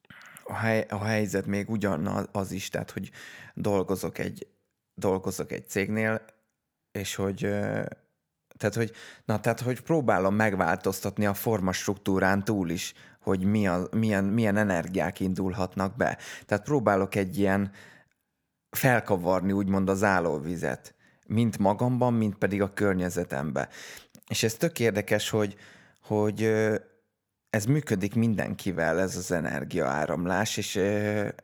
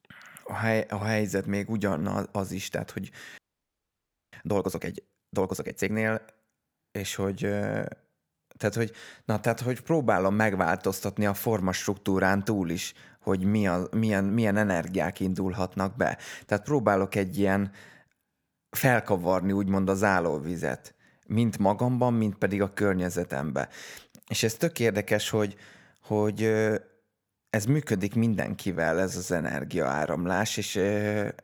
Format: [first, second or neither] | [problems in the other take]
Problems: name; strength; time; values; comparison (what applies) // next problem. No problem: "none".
first | audio freezing; at 3.5 s for 1 s